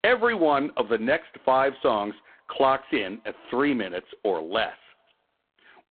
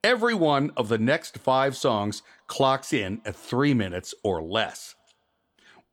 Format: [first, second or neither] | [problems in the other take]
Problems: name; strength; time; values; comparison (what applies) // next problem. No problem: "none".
second | phone-call audio; poor line